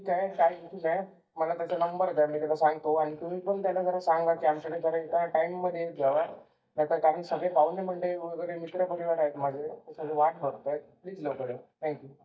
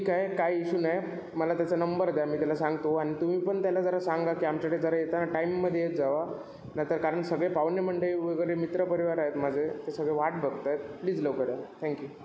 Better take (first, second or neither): second